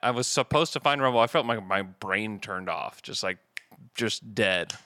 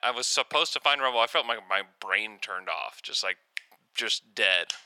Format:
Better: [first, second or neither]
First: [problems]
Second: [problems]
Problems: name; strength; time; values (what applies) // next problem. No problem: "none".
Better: first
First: none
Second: thin; very; fading below 600 Hz